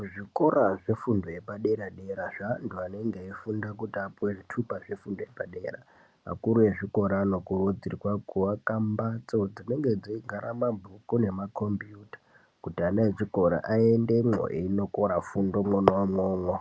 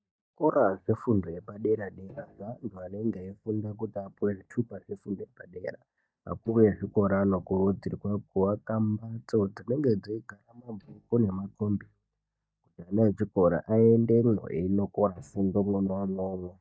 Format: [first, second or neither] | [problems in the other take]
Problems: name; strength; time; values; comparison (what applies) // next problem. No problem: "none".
first | noise reduction (neural mask model DeepFilterNet 3)